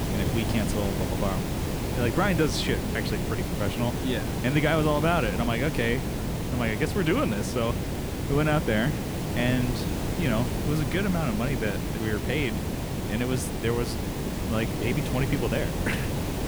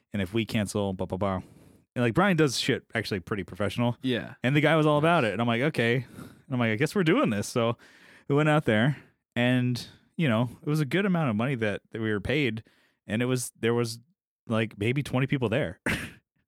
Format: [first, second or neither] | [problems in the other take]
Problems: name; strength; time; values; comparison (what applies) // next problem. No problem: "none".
second | hiss; loud; throughout; 2 dB below the speech